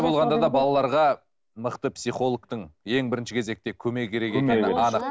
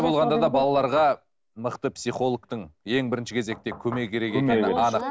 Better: first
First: none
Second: background sound (Knock / Wood); 16 dB below the speech

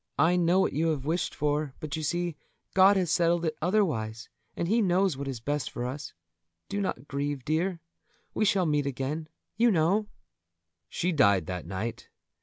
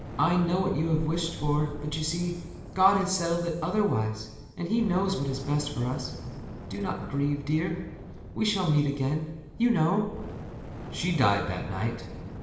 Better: first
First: none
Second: background sound (Fire); 12 dB below the speech // room echo; dies away in 1.1 s

